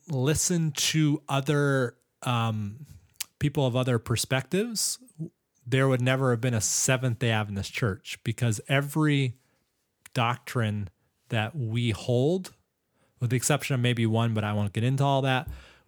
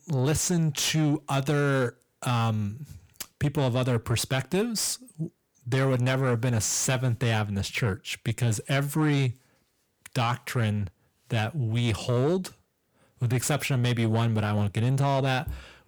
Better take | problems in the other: first | distortion; slight; 10 dB below the speech

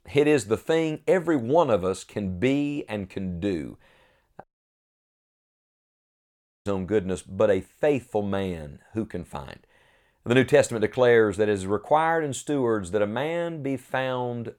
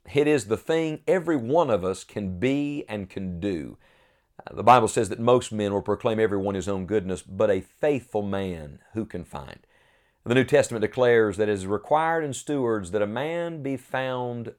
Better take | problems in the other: second | audio cutting out; at 4.5 s for 2 s

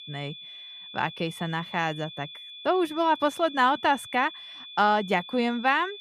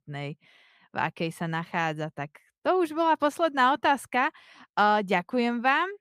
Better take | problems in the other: second | high-pitched whine; noticeable; throughout; 3.5 kHz, 15 dB below the speech

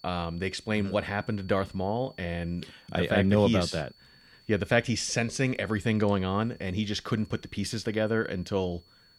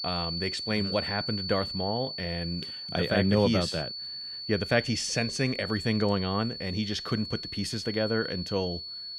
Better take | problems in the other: first | high-pitched whine; loud; throughout; 4.5 kHz, 5 dB below the speech; faint in the first

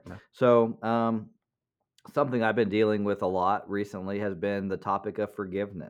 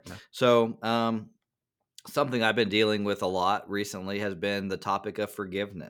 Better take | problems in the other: second | muffled; slightly; fading above 2 kHz

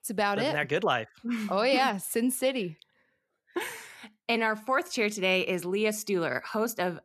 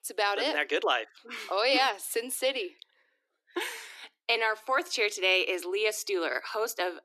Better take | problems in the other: first | thin; somewhat; fading below 300 Hz

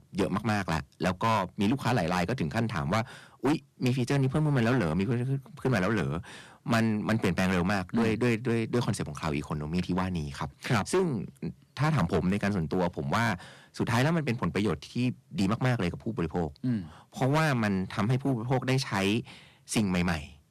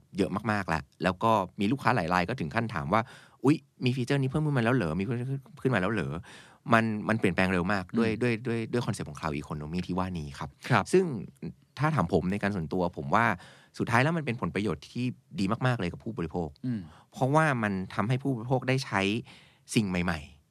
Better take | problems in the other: second | distortion; heavy; 9% of the sound clipped

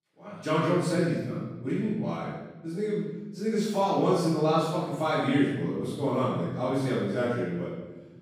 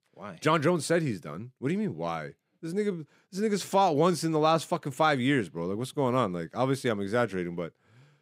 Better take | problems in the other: second | off-mic speech; far // room echo; strong; dies away in 1.1 s

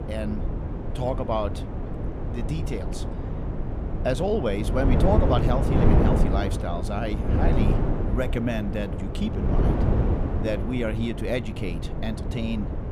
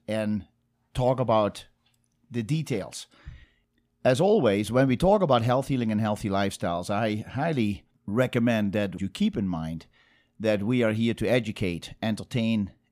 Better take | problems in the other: second | wind noise on the microphone; heavy; 3 dB below the speech

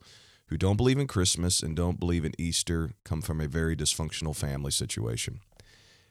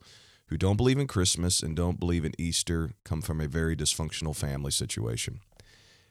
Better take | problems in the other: neither | none

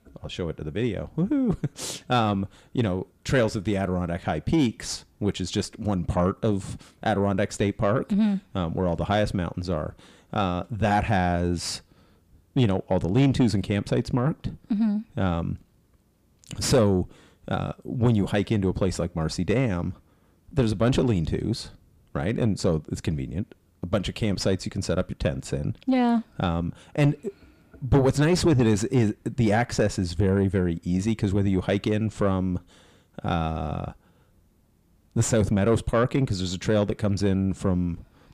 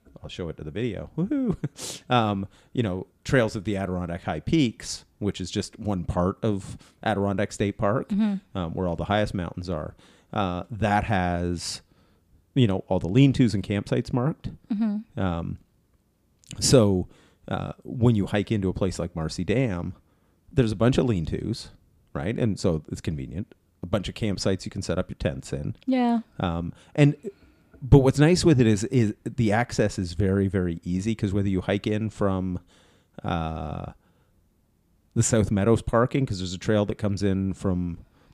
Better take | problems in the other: second | distortion; slight; 10 dB below the speech

